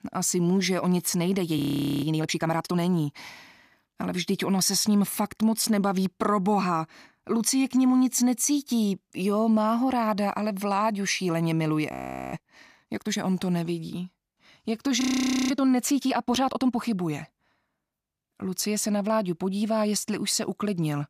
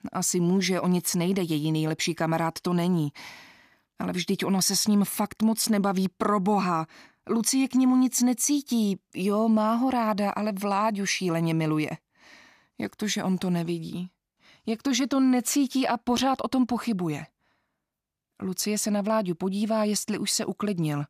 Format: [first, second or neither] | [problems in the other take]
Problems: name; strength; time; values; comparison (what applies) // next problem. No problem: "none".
second | audio freezing; at 1.5 s, at 12 s and at 15 s